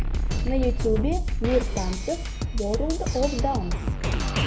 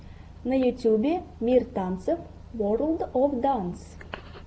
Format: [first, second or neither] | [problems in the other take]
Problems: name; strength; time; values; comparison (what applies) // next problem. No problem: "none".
second | background sound (Drum kit); 3 dB above the speech